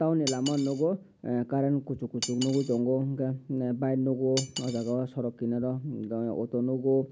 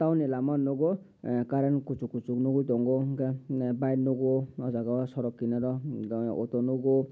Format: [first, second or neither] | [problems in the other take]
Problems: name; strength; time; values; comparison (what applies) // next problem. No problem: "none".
second | background sound (Cutlery, silverware); 14 dB below the speech